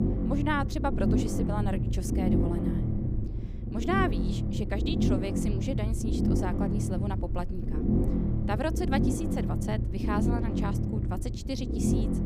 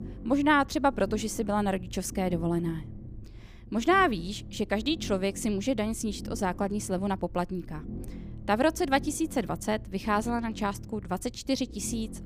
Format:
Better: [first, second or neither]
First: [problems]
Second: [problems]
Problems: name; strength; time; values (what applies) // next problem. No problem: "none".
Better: second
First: low rumble; loud; throughout; 2 dB below the speech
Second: low rumble; faint; throughout; 20 dB below the speech